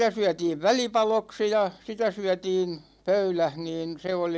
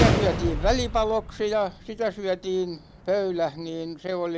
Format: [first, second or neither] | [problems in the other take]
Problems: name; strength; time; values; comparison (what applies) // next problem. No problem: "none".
first | background sound (Gunshot, gunfire); 3 dB below the speech